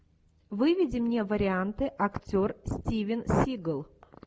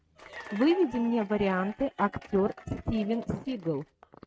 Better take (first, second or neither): first